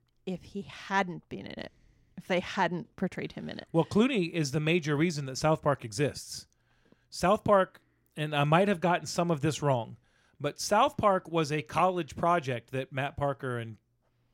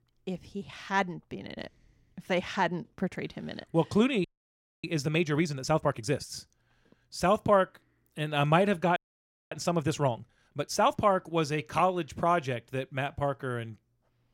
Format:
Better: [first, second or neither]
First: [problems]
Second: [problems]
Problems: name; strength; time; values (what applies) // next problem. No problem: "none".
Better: first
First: none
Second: audio freezing; at 4 s for 0.5 s and at 9 s for 0.5 s